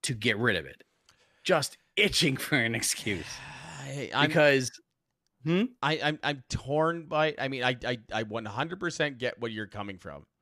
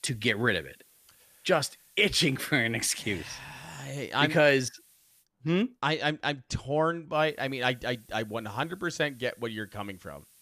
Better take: first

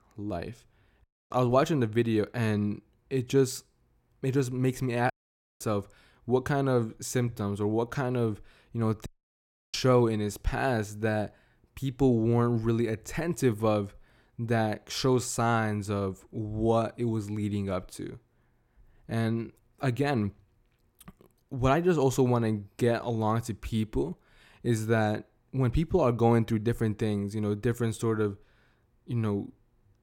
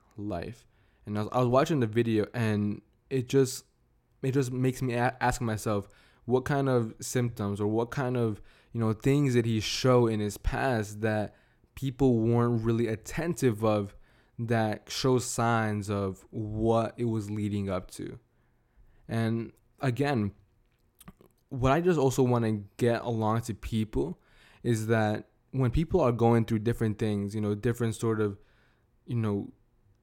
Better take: second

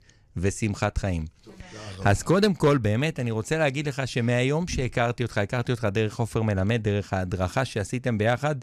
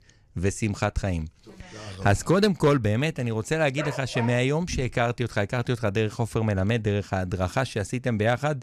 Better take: first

